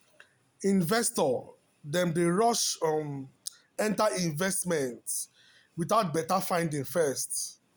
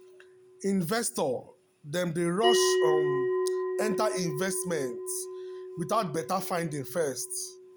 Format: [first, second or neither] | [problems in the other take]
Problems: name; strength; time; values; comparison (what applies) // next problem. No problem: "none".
first | background sound (Bell); 1 dB below the speech